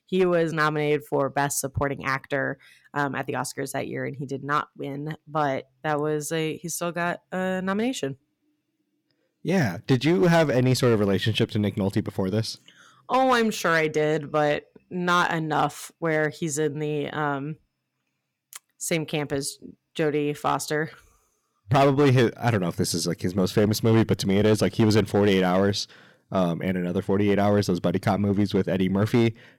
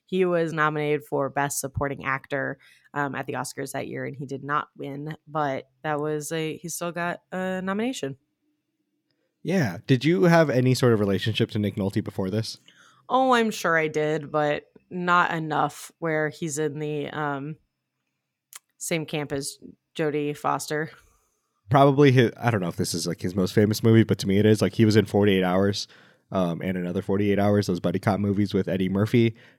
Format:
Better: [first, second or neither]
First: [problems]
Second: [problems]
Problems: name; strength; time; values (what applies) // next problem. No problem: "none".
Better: second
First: distortion; slight; 4% of the sound clipped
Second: none